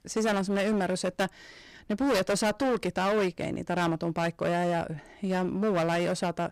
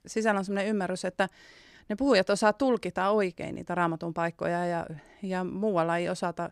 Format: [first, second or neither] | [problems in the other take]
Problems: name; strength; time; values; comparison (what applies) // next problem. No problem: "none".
second | distortion; heavy; 17% of the sound clipped